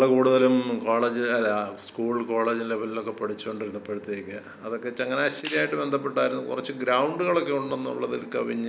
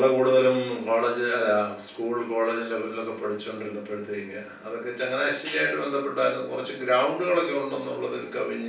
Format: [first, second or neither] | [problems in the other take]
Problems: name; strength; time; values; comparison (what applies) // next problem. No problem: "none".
first | room echo; dies away in 0.3 s